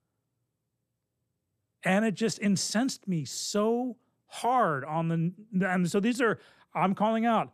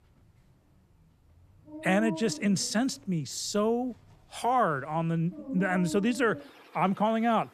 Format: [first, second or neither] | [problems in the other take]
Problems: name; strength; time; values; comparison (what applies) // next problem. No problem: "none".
first | animal sounds; noticeable; throughout; 10 dB below the speech